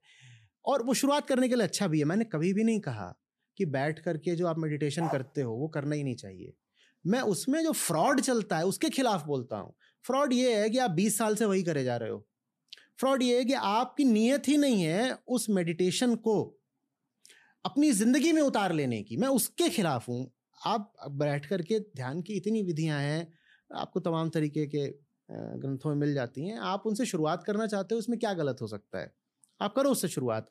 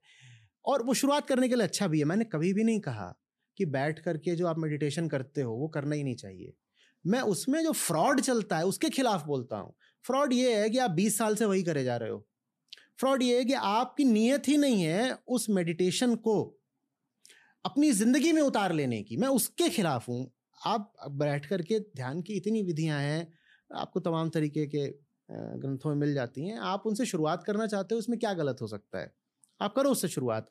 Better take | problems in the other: second | dog barking; noticeable; at 5 s; peak 9 dB below the speech

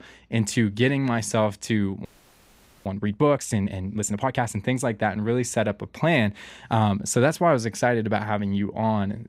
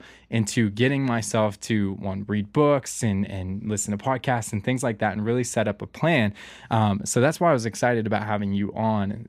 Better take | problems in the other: second | audio freezing; at 2 s for 1 s

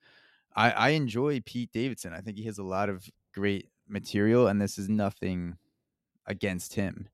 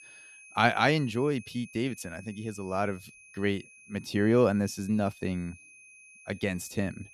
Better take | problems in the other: first | high-pitched whine; faint; throughout; 2.5 kHz, 20 dB below the speech

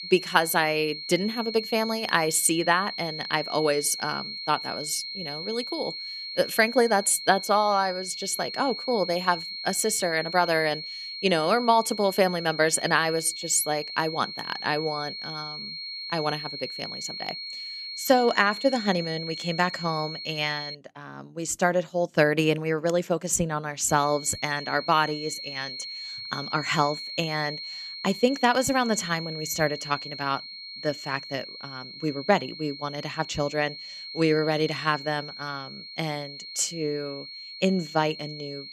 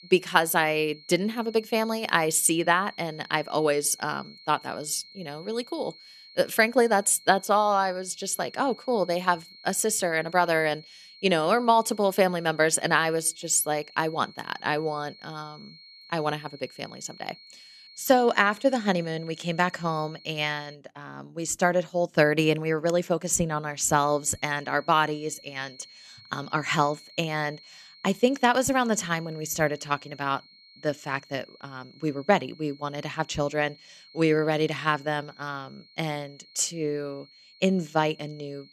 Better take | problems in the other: second | high-pitched whine; loud; until 21 s and from 24 s on; 4.5 kHz, 9 dB below the speech; faint in the second

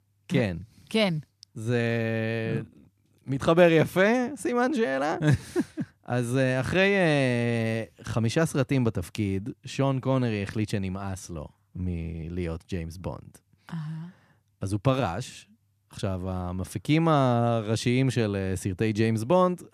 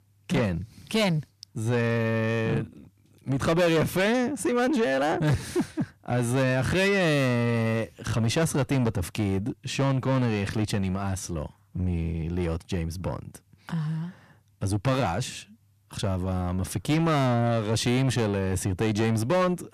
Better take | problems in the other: first | distortion; heavy; 7 dB below the speech

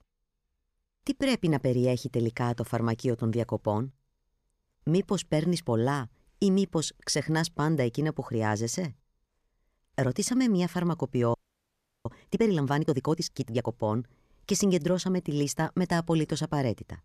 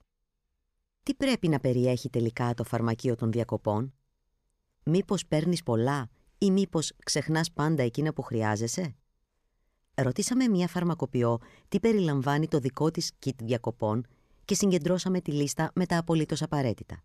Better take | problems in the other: second | audio freezing; at 11 s for 0.5 s

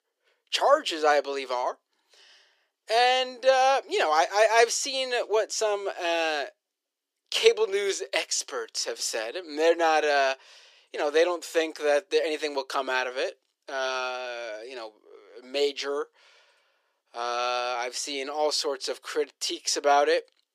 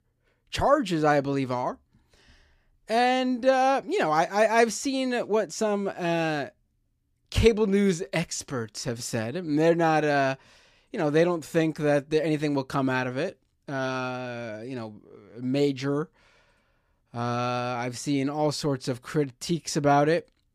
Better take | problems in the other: second | thin; very; fading below 400 Hz

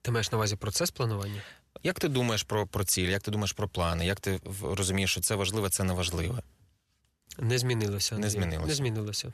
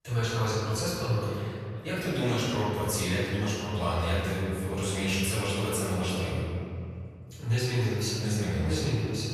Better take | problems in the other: first | off-mic speech; far // room echo; strong; dies away in 2.2 s

